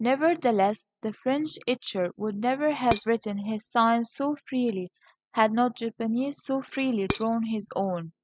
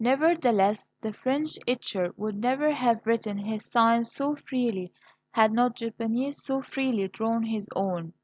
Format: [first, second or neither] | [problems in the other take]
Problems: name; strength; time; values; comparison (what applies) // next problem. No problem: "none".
second | noise reduction (classical method spectral subtraction)